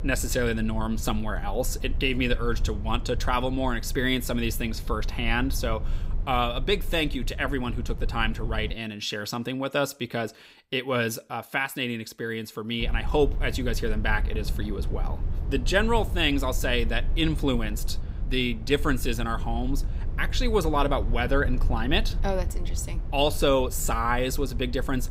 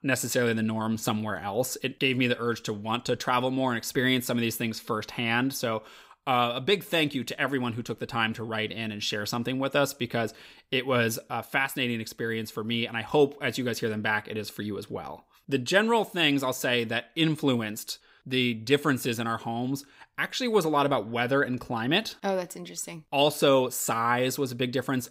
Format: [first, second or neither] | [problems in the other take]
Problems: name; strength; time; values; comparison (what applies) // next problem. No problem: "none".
second | low rumble; noticeable; until 8.5 s and from 13 s on; 20 dB below the speech